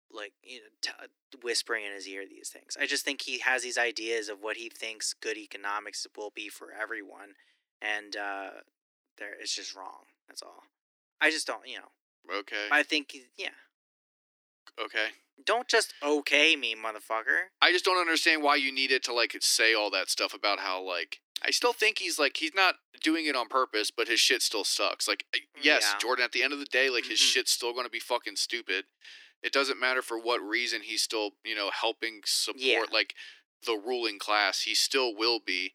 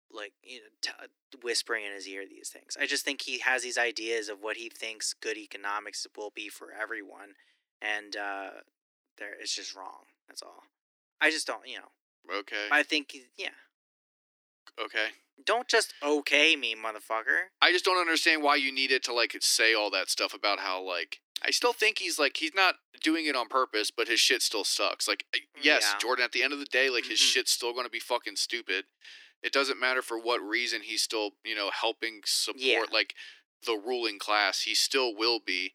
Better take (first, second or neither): neither